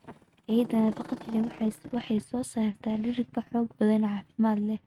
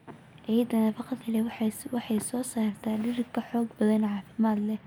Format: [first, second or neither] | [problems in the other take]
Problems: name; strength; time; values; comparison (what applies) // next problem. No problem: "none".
second | noise reduction (neural mask model RNNoise)